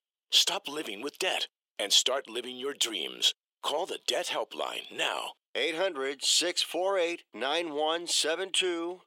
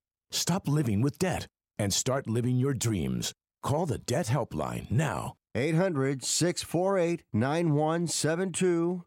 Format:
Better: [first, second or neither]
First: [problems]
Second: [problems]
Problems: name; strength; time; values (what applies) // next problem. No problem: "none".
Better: second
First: thin; very; fading below 400 Hz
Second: none